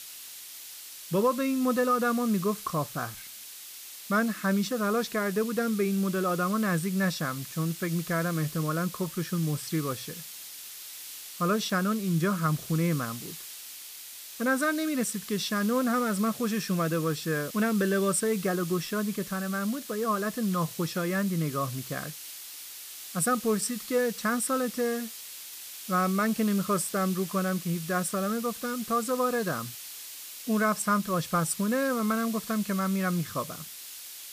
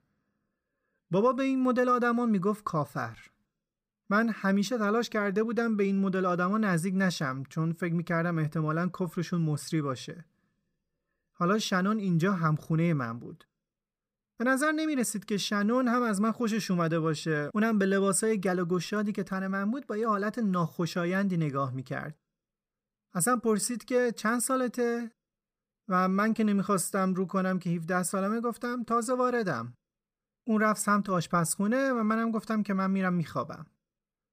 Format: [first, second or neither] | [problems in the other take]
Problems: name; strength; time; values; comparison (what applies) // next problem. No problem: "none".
second | hiss; noticeable; throughout; 10 dB below the speech